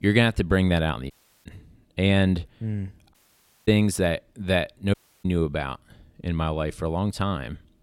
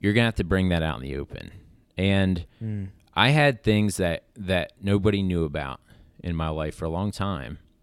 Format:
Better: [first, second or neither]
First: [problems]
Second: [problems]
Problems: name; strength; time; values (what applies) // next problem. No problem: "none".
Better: second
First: audio cutting out; at 1 s, at 3 s for 0.5 s and at 5 s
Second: none